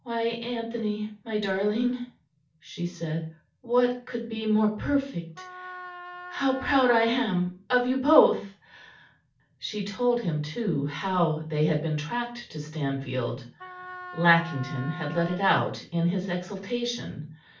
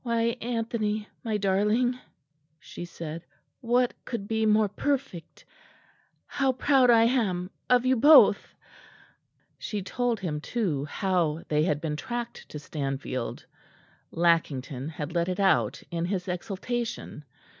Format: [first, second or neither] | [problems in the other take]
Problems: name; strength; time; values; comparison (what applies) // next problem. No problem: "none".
second | background sound (Wind instrument, woodwind instrument); 14 dB below the speech // room echo; dies away in 0.3 s